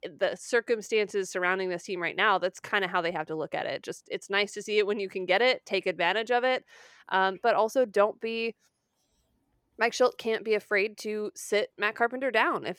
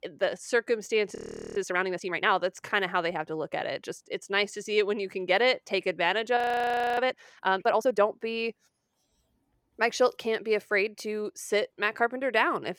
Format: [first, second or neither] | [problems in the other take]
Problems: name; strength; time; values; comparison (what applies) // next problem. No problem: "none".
first | audio freezing; at 1 s and at 6.5 s for 0.5 s